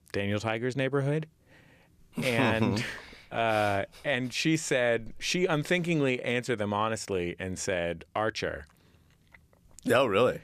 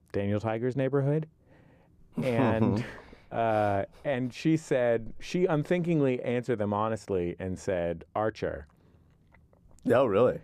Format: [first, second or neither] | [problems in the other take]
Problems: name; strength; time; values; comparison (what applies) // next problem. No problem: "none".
first | muffled; slightly; fading above 1.5 kHz